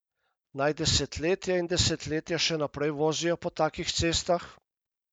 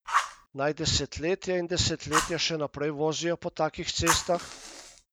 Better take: first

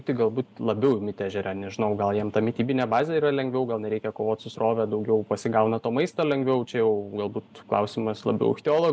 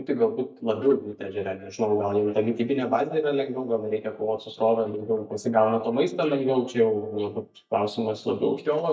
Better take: first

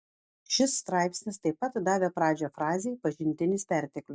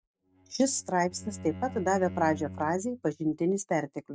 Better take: first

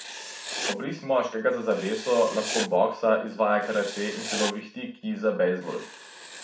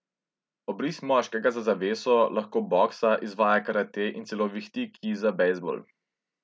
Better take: second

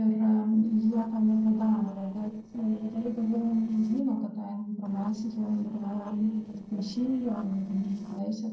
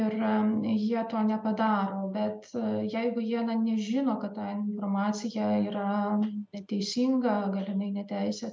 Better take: second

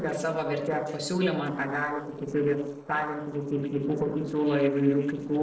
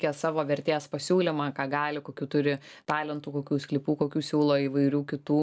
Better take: second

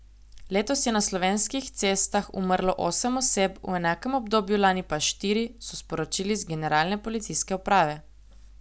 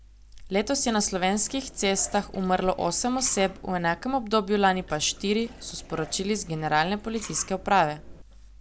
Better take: first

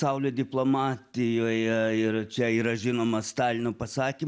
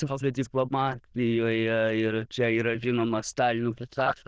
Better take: first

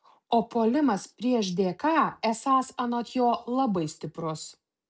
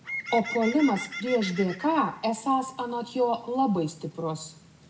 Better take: first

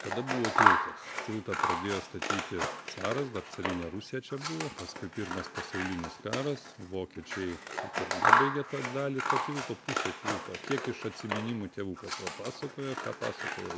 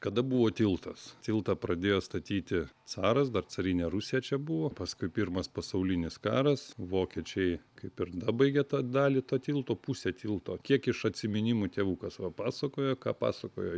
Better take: second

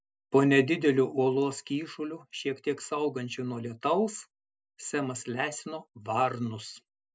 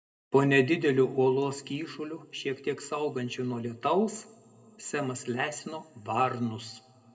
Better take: first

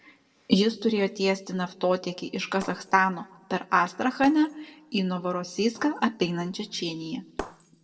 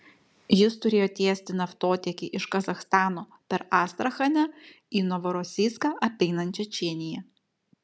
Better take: second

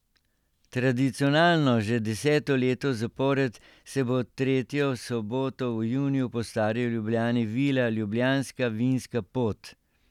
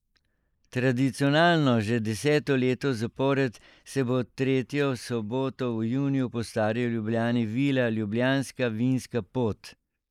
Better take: first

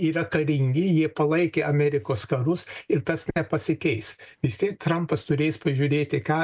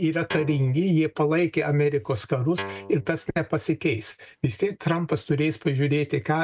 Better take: first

